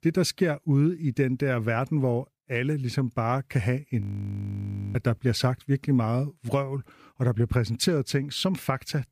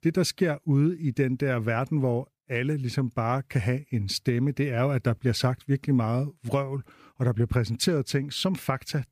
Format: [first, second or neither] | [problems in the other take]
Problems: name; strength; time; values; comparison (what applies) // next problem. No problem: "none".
second | audio freezing; at 4 s for 1 s